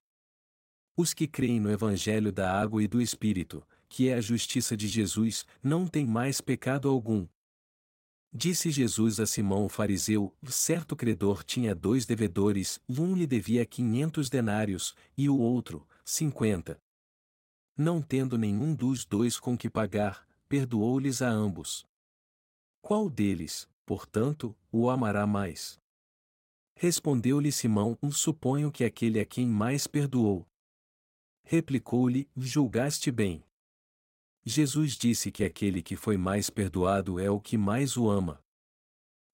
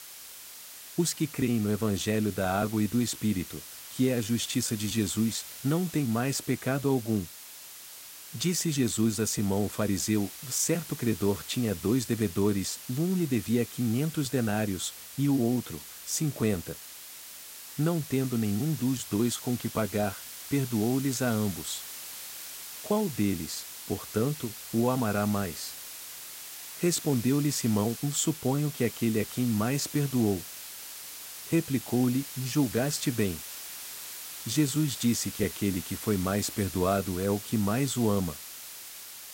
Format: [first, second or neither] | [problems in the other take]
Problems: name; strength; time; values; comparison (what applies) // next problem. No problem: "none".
first | hiss; noticeable; throughout; 10 dB below the speech